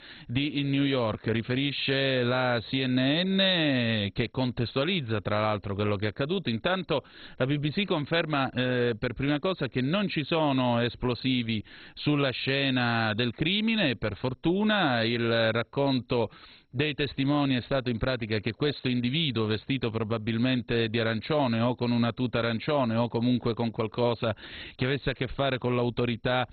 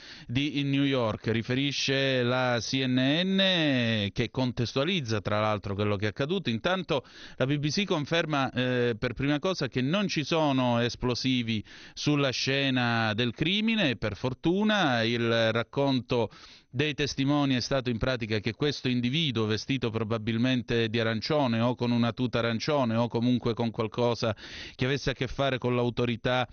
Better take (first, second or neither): second